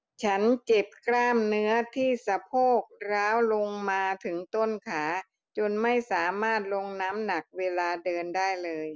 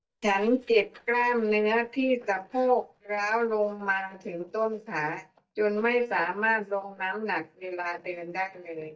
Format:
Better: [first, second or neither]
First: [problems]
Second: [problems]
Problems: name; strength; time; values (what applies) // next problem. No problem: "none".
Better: first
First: none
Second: noise reduction (neural mask model DeepFilterNet 3)